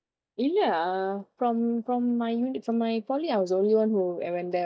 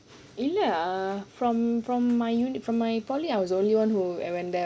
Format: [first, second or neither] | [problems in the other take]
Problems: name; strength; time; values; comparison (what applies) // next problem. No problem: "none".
second | noise reduction (neural mask model DeepFilterNet 3)